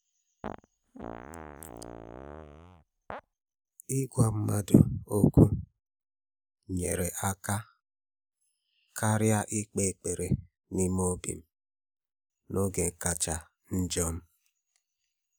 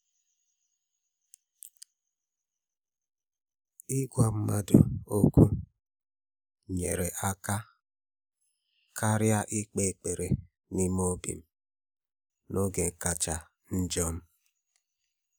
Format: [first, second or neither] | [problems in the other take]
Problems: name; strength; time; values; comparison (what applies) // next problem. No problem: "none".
second | background sound (Fart); 13 dB below the speech